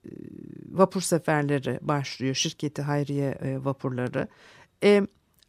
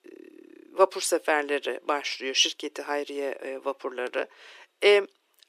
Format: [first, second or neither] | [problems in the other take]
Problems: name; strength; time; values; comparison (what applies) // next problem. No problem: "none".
first | thin; very; fading below 350 Hz